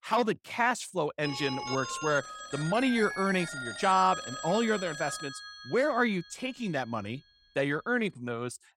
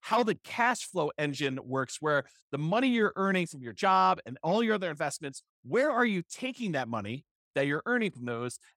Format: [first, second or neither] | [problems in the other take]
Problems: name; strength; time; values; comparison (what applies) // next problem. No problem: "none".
second | phone ringing; noticeable; from 1 to 6.5 s; peak 6 dB below the speech